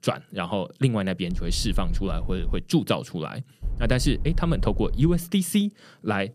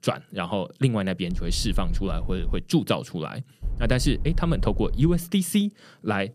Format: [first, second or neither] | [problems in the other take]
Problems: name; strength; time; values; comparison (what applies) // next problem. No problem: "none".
neither | low rumble; faint; from 1.5 to 2.5 s and from 3.5 to 5 s; 20 dB below the speech; the same in both